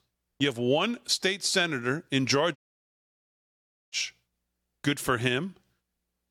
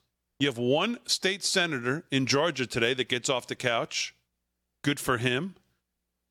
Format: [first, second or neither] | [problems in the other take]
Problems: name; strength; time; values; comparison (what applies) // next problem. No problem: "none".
second | audio cutting out; at 2.5 s for 1.5 s